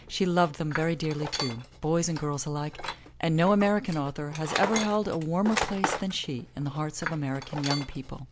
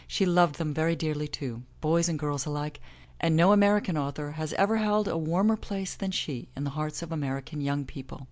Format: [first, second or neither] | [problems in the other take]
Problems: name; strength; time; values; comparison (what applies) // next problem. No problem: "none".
second | background sound (Tools); 8 dB below the speech